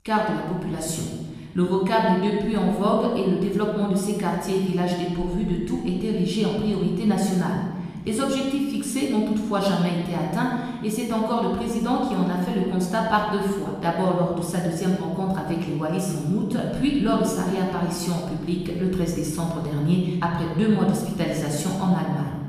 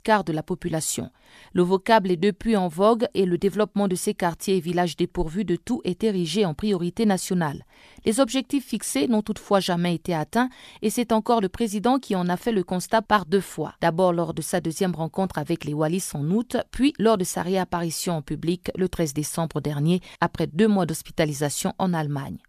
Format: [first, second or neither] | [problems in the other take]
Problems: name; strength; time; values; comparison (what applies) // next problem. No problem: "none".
second | off-mic speech; far // room echo; noticeable; dies away in 1.7 s